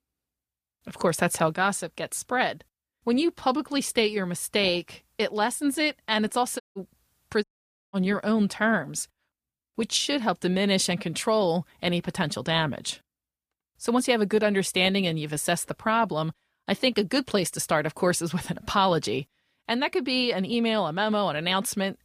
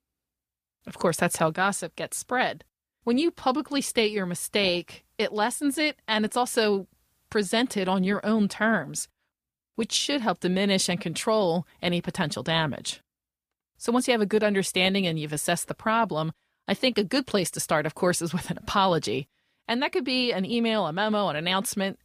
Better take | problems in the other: second | audio cutting out; at 6.5 s and at 7.5 s

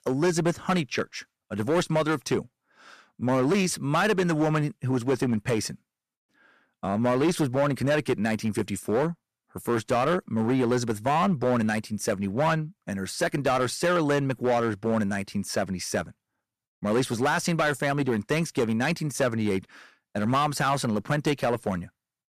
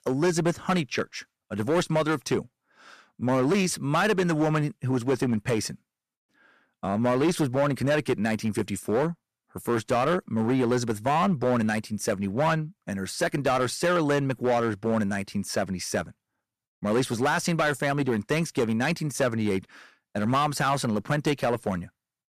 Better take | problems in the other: neither | distortion; slight; 7% of the sound clipped; the same in both

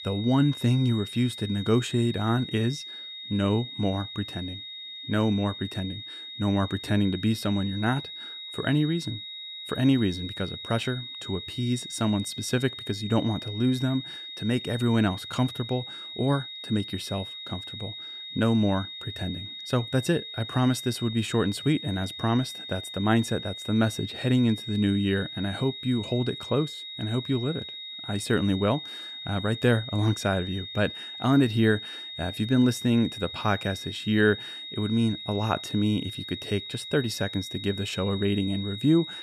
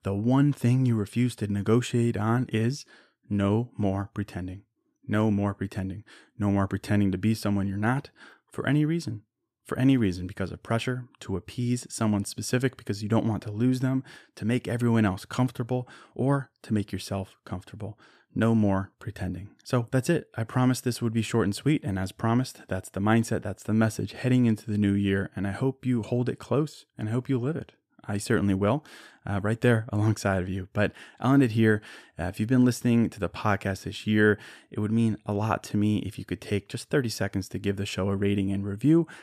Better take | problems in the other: second | high-pitched whine; loud; throughout; 3.5 kHz, 9 dB below the speech

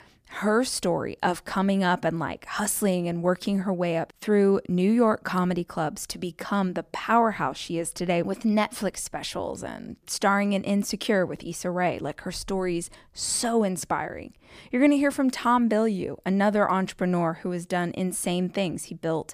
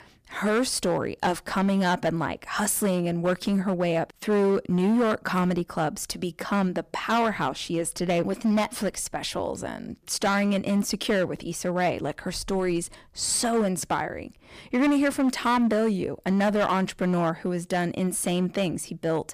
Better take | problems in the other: first | distortion; slight; 8% of the sound clipped

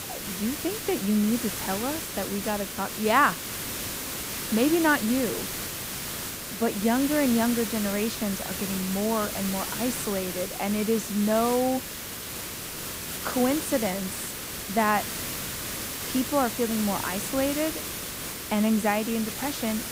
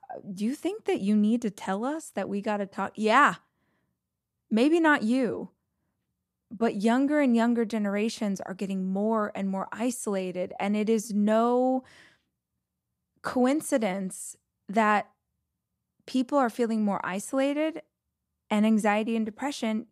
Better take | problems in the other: second | hiss; loud; throughout; 5 dB below the speech

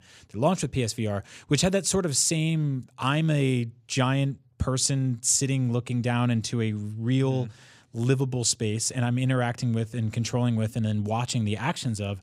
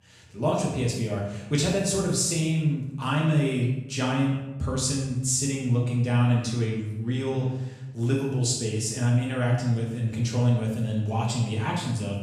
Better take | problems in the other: first | off-mic speech; far // room echo; noticeable; dies away in 0.8 s

